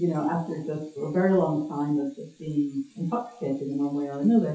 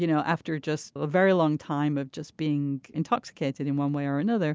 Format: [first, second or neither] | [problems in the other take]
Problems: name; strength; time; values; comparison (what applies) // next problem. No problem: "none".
second | noise reduction (classical method WPE with log-MMSE)